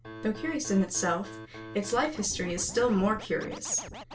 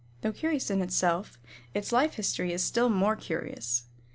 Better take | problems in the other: second | background sound (Scratching (performance technique)); 14 dB below the speech // room echo; dies away in 0.2 s

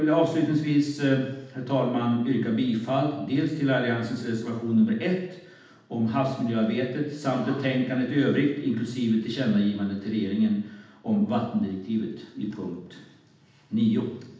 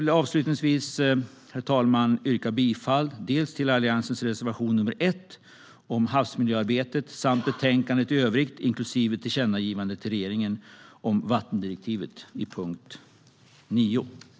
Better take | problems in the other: second | room echo; dies away in 0.8 s

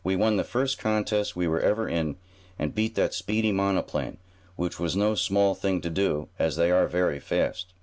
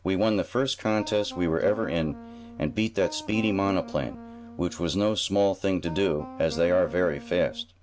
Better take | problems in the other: first | background sound (Wind instrument, woodwind instrument); 15 dB below the speech

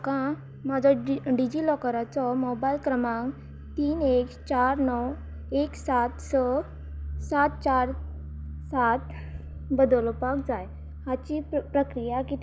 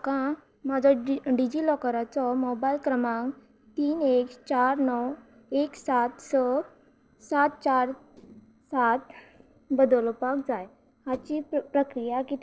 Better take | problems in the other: first | noise reduction (neural separator model SepFormer DNS4)

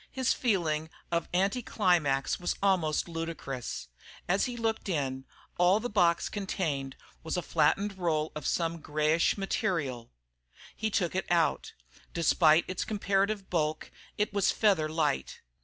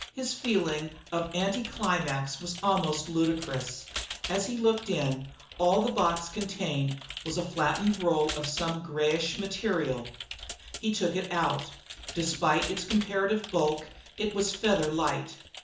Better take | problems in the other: first | background sound (Computer keyboard); 13 dB below the speech // room echo; dies away in 0.7 s

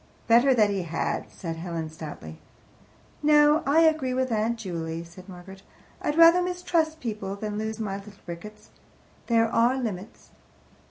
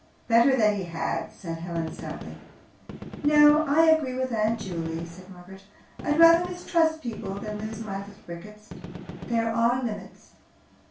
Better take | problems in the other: first | background sound (Gunshot, gunfire); 13 dB below the speech // room echo; dies away in 0.3 s

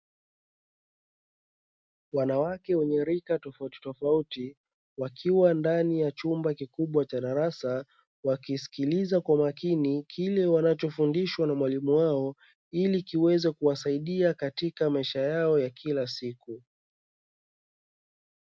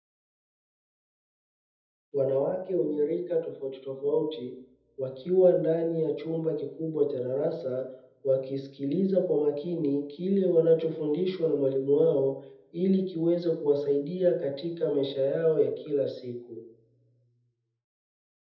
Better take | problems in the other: first | room echo; dies away in 0.7 s

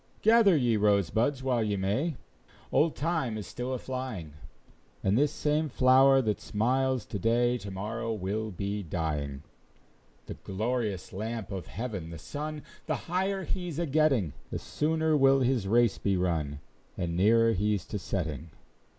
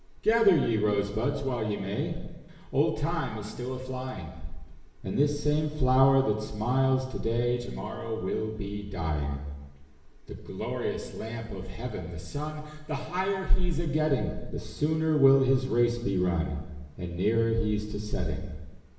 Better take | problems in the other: first | room echo; dies away in 1 s

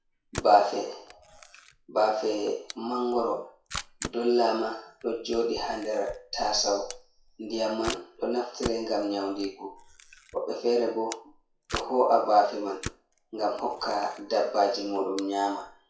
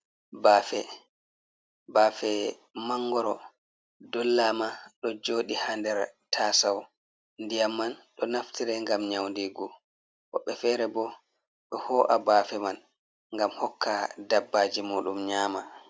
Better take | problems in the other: second | noise reduction (classical method WPE with log-MMSE)

